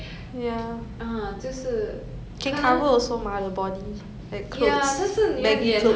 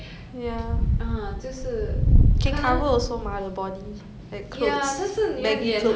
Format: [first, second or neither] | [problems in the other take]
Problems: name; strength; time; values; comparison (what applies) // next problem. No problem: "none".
first | background sound (Wind); 5 dB above the speech